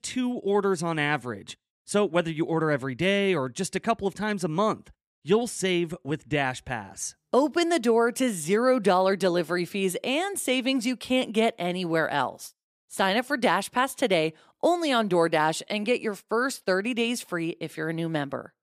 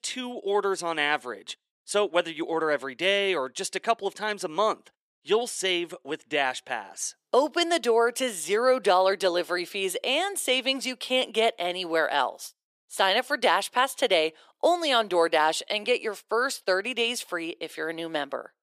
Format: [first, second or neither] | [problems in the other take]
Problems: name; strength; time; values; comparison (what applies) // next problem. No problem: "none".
first | thin; somewhat; fading below 500 Hz